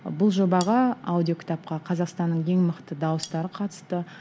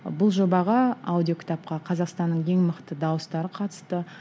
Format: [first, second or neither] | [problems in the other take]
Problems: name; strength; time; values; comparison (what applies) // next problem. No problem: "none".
second | background sound (Cutlery, silverware); 18 dB below the speech